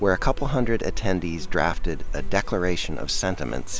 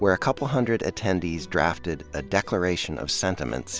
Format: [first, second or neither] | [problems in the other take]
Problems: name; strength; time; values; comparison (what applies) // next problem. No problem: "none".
second | background sound (Rain); as loud as the speech